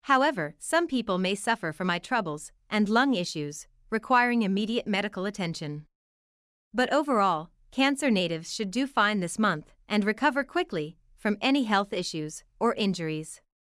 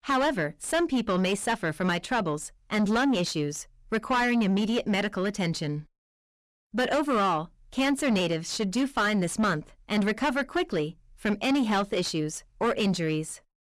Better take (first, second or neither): first